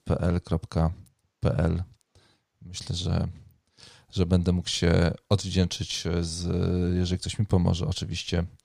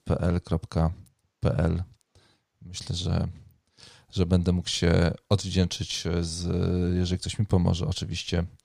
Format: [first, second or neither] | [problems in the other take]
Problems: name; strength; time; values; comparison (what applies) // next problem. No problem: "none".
neither | none